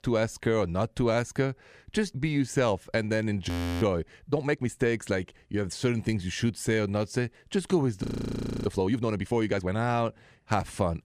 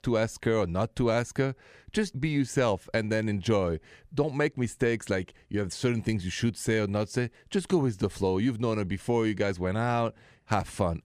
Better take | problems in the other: second | audio freezing; at 3.5 s and at 8 s for 0.5 s

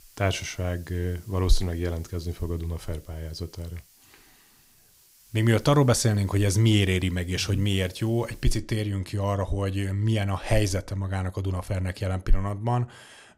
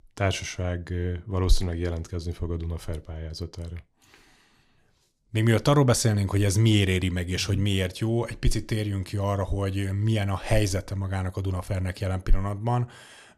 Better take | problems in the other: second | hiss; faint; until 8.5 s; 25 dB below the speech

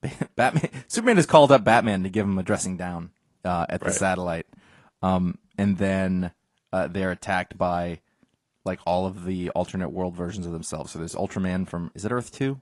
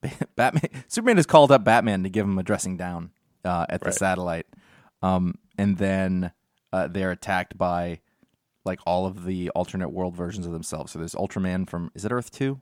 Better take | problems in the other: second | garbled, watery; slightly

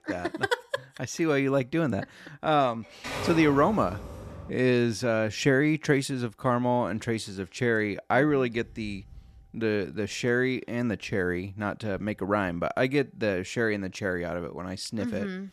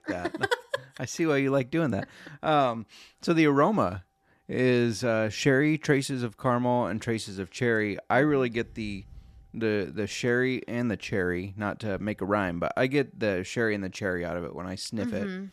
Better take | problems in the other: second | keyboard typing; noticeable; from 3 to 4.5 s; peak 5 dB below the speech

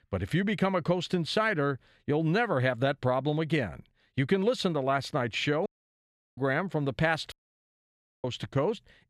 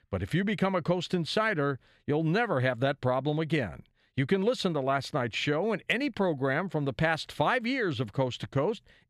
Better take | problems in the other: second | audio cutting out; at 5.5 s for 0.5 s and at 7.5 s for 1 s

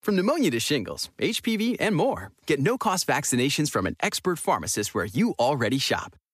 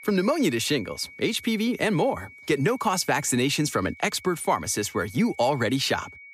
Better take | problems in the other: first | high-pitched whine; noticeable; throughout; 2 kHz, 20 dB below the speech

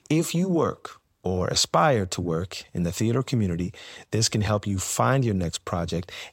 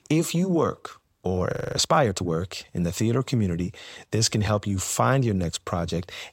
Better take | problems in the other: first | audio freezing; at 1.5 s

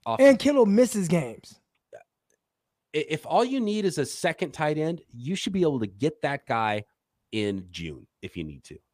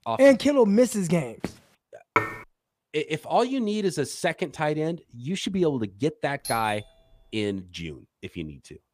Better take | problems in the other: first | footsteps; faint; at 1.5 s; peak 15 dB below the speech // clattering dishes; noticeable; at 2 s; peak 1 dB below the speech // doorbell; faint; at 6.5 s; peak 10 dB below the speech

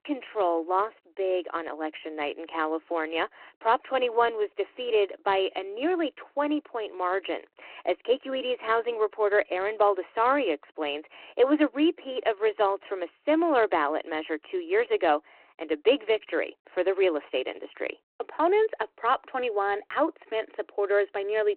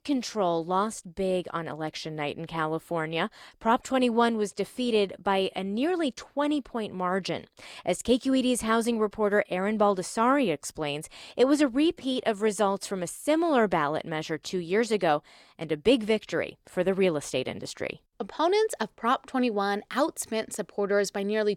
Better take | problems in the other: second | phone-call audio

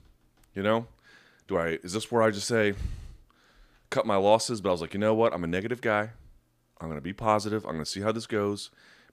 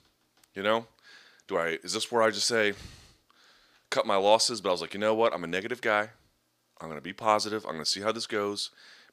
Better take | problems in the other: first | thin; very slightly; fading below 950 Hz

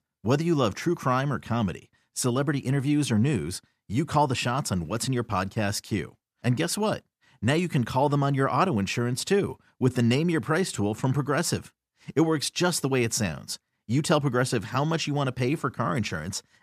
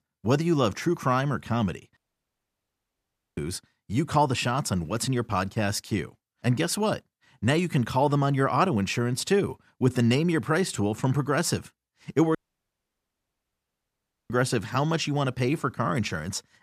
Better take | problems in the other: first | audio cutting out; at 2 s for 1.5 s and at 12 s for 2 s

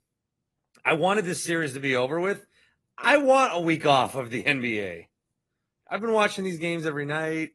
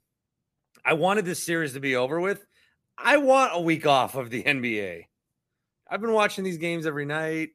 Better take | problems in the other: second | garbled, watery; slightly; nothing above 11.5 kHz

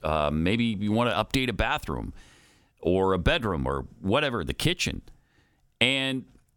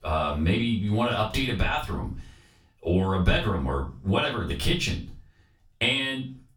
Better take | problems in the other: first | room echo; slight; dies away in 0.3 s // off-mic speech; far

